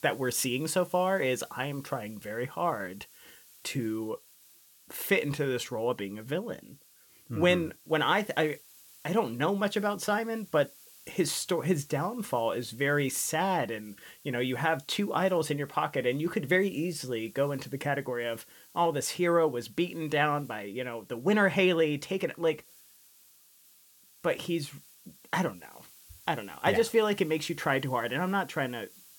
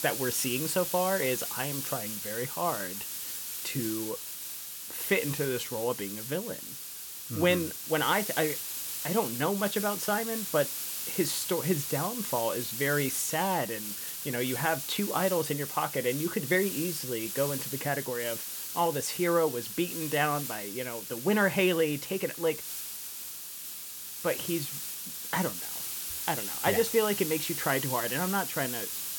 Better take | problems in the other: first | hiss; loud; throughout; 4 dB below the speech; faint in the first

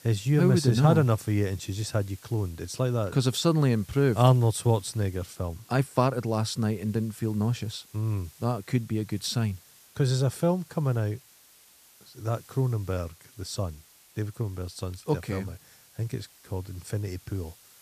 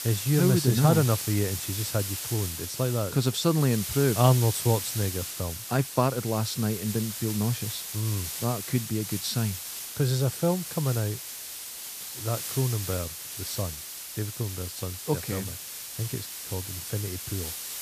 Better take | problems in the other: first | hiss; loud; throughout; 6 dB below the speech; faint in the first

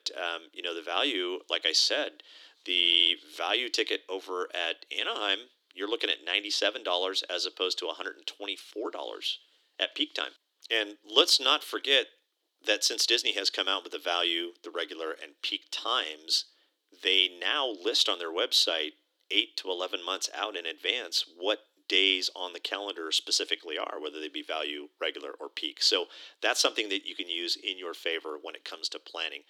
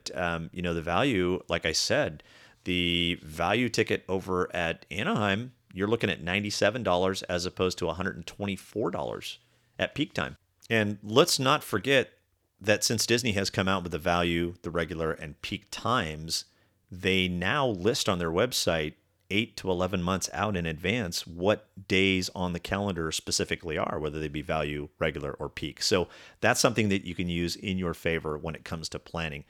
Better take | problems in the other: second | thin; somewhat; fading below 300 Hz

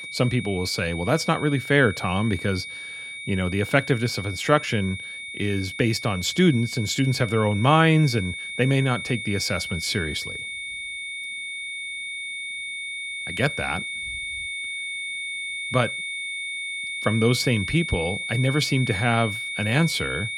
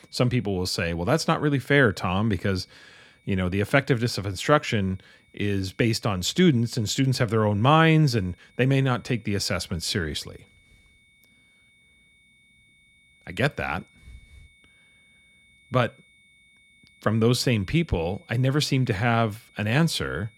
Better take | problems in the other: second | high-pitched whine; loud; throughout; 2 kHz, 7 dB below the speech; faint in the second

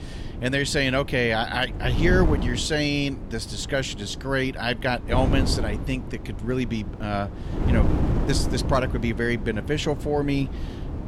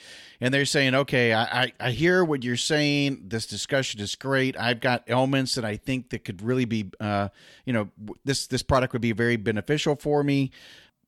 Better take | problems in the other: second | wind noise on the microphone; occasional gusts; 10 dB below the speech

